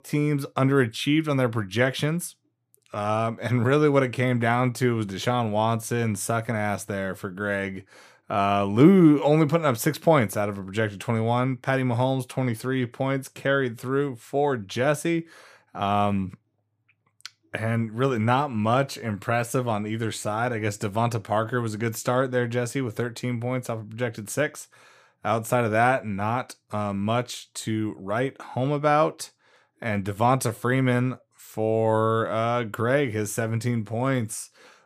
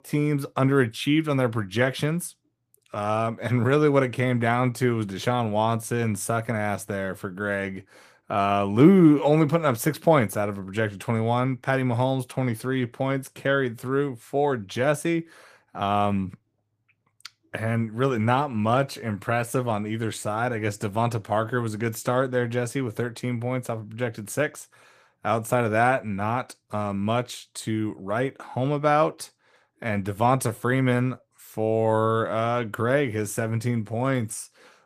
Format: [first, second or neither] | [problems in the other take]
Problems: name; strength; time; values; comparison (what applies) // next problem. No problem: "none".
first | garbled, watery; slightly; nothing above 14.5 kHz